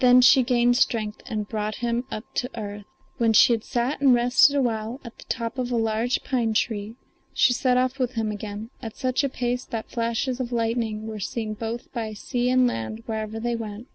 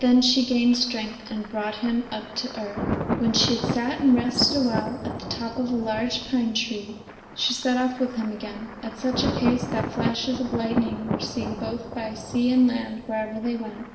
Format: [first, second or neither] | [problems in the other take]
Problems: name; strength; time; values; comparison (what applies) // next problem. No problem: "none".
first | background sound (Thunder); 7 dB below the speech // room echo; dies away in 1.2 s